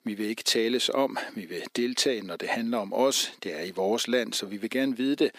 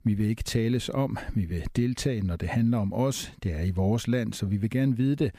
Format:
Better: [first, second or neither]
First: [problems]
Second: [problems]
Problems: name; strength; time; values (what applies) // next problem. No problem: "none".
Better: second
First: thin; somewhat; fading below 300 Hz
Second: none